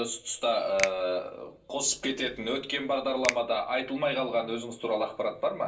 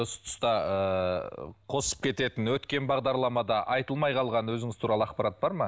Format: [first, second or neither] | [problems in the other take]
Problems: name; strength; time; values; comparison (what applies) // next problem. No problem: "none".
second | background sound (Finger snapping); 11 dB below the speech // room echo; dies away in 0.3 s